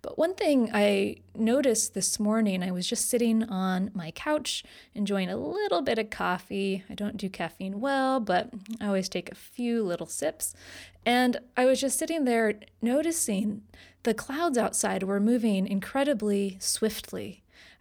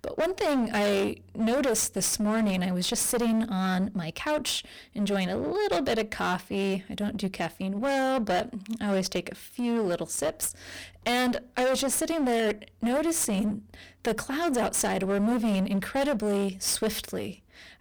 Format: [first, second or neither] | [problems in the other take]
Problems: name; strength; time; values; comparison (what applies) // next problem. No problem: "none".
first | distortion; heavy; 21% of the sound clipped